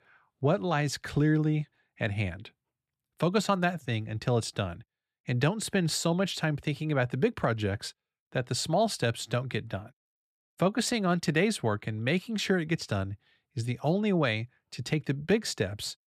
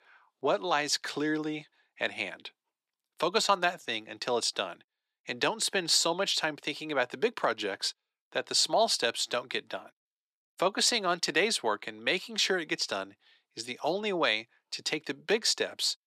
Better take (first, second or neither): first